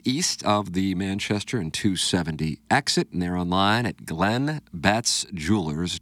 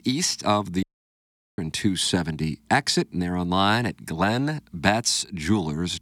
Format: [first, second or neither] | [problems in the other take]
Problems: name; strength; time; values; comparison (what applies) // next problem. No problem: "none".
first | audio cutting out; at 1 s for 1 s